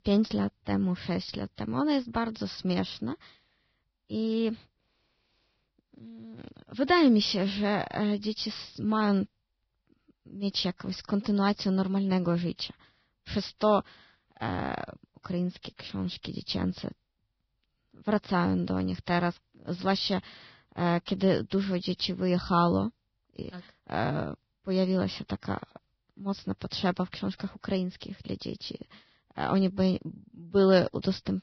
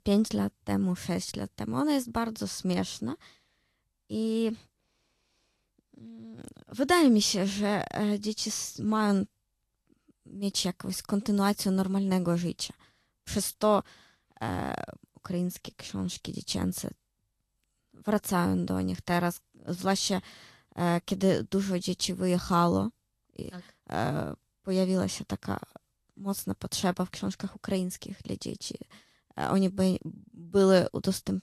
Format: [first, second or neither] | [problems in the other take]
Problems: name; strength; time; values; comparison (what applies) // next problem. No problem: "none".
second | garbled, watery; badly; nothing above 5.5 kHz; slightly in the second